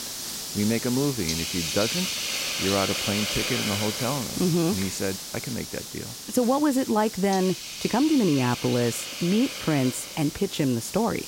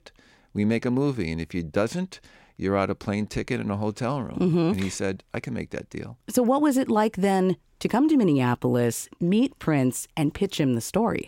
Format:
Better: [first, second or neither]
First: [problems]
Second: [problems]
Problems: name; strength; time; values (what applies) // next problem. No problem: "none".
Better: second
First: hiss; loud; throughout; 4 dB below the speech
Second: none